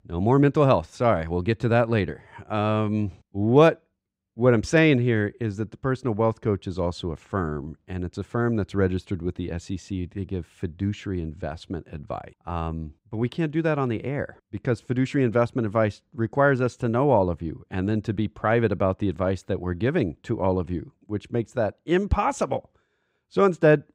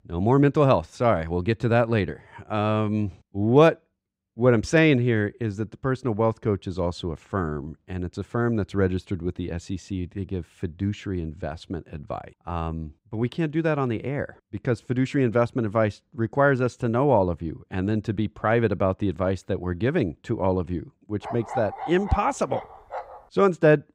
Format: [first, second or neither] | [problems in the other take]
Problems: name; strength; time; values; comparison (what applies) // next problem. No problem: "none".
first | dog barking; noticeable; from 21 to 23 s; peak 9 dB below the speech